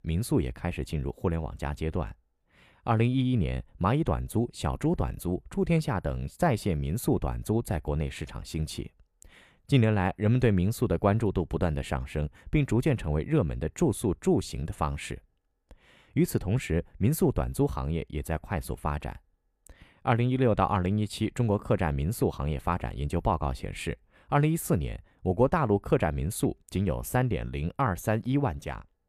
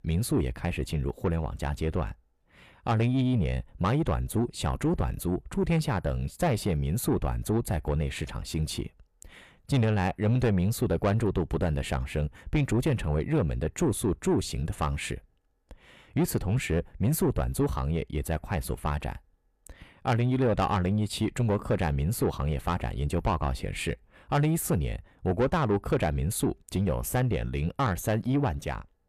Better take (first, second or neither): first